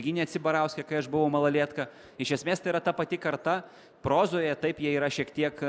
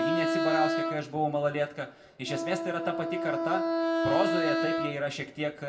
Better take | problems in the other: first | background sound (Wind instrument, woodwind instrument); 1 dB above the speech // room echo; dies away in 0.3 s

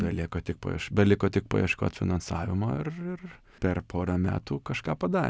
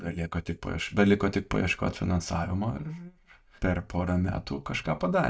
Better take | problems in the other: first | noise reduction (neural mask model DeepFilterNet 3)

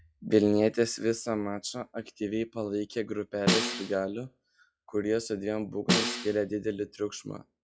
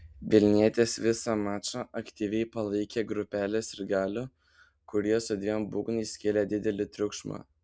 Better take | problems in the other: second | noise reduction (classical method log-MMSE)

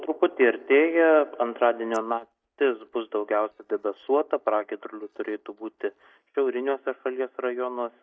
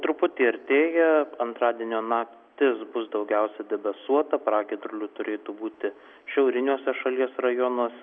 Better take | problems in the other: second | noise reduction (neural mask model DeepFilterNet 3)

